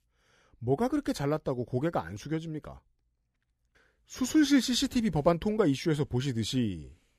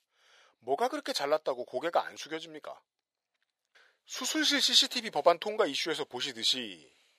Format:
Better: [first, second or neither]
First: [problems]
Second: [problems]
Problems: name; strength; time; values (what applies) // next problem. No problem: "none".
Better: first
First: none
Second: thin; very; fading below 650 Hz